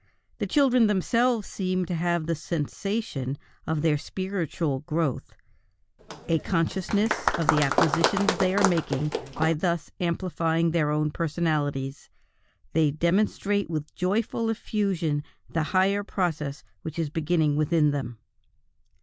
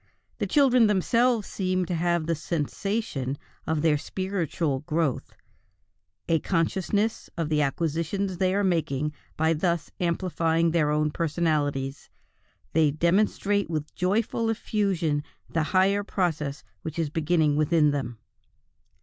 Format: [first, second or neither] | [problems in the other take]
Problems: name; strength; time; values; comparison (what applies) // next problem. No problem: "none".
second | background sound (Applause); 2 dB below the speech